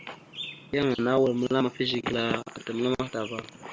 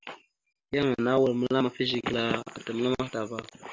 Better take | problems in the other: second | background sound (Chirp, tweet); 19 dB below the speech

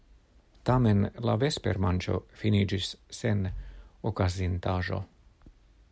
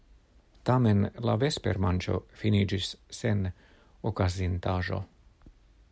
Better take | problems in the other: second | background sound (Bass drum); 18 dB below the speech

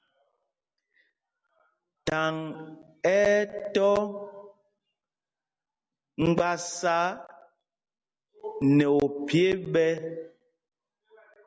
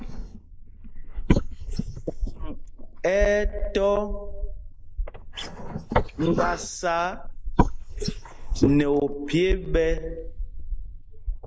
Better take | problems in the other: first | noise reduction (neural mask model Resemble Enhance denoiser)

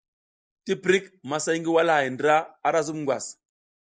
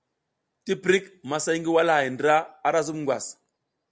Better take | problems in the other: second | noise reduction (neural mask model Resemble Enhance denoiser)

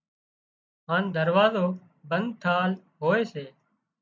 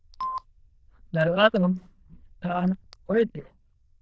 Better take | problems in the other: first | noise reduction (neural diffusion model UNIVERSE++)

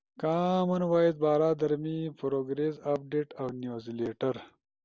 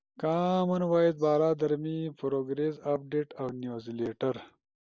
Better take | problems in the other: first | noise reduction (neural mask model Resemble Enhance denoiser)

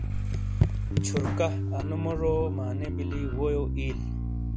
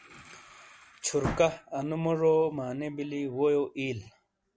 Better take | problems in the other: second | background sound (Bass guitar + Raindrop / Drip); 5 dB above the speech

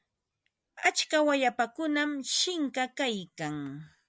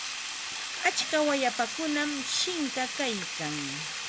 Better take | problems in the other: first | background sound (Sink (filling or washing)); 4 dB below the speech

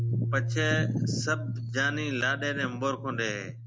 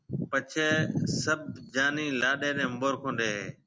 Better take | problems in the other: second | background sound (Piano); 2 dB below the speech

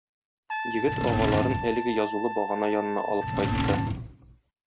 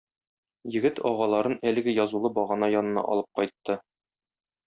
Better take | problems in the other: second | background sound (Drawer open or close + Trumpet); 1 dB below the speech

